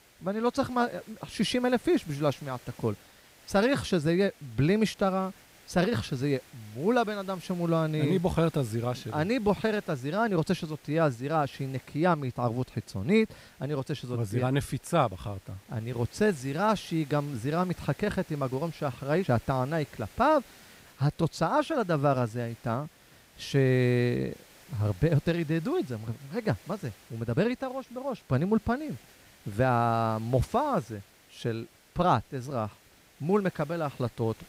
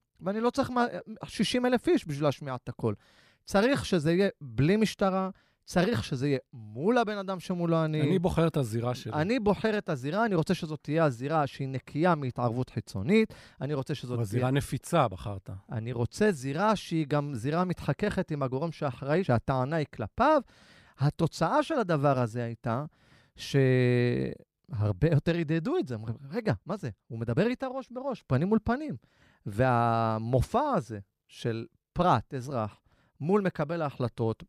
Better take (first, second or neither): second